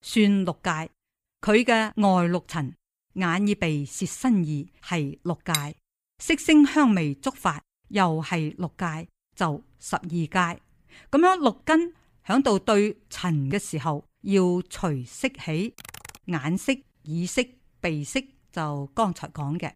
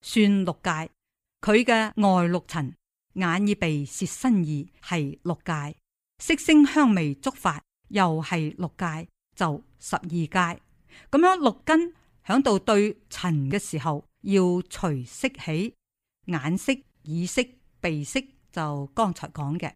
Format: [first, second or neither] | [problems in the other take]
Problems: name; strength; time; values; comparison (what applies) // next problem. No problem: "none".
second | clattering dishes; very faint; at 5.5 s; peak 4 dB below the speech // keyboard typing; faint; at 16 s; peak 15 dB below the speech